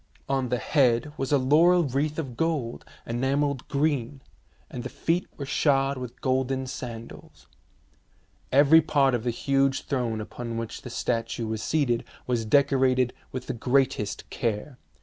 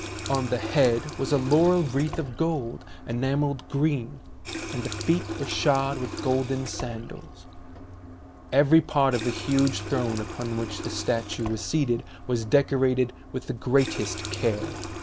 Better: first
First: none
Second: background sound (Water tap, faucet); 10 dB below the speech

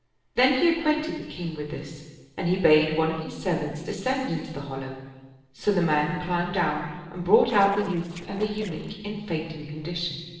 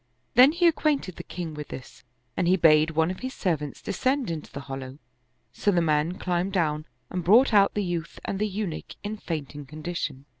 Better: second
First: noise reduction (neural separator model SepFormer DNS4)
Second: none

